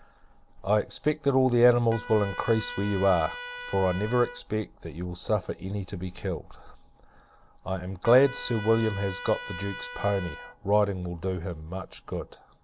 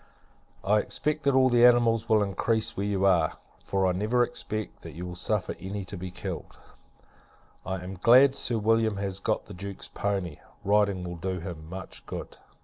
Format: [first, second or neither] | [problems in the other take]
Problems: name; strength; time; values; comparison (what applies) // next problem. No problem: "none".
second | background sound (Trumpet); 16 dB below the speech